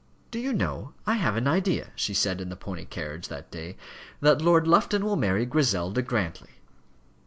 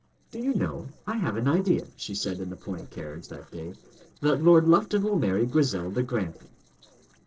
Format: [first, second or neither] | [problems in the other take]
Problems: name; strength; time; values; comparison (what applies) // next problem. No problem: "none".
first | noise reduction (neural separator model SepFormer DNS4)